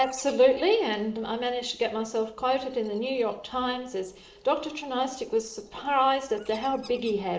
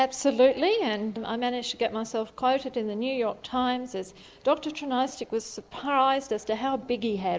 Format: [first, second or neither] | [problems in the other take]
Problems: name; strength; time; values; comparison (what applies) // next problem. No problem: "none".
second | noise reduction (neural separator model SepFormer DNS4)